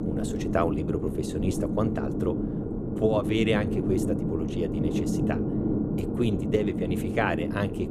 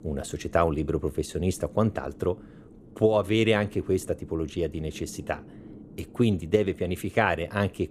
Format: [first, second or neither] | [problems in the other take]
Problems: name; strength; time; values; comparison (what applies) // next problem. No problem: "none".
second | low rumble; loud; throughout; 3 dB below the speech; faint in the second